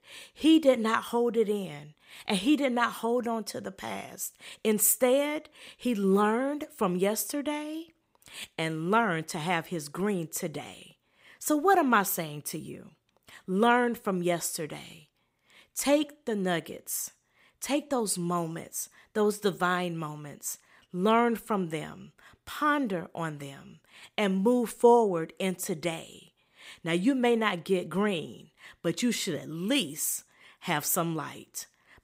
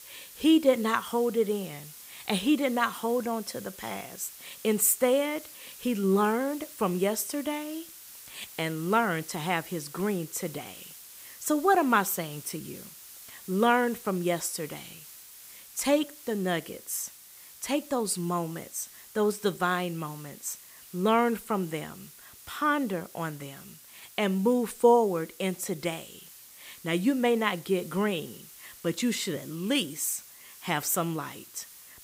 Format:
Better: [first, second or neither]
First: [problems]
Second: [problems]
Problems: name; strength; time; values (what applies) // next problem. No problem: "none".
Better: first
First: none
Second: hiss; noticeable; throughout; 15 dB below the speech